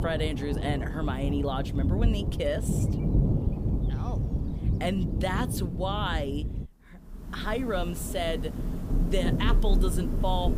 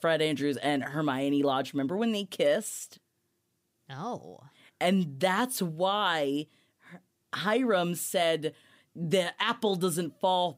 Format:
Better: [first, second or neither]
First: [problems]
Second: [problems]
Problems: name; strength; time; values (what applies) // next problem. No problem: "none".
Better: second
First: rain or running water; very loud; throughout; 2 dB above the speech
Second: none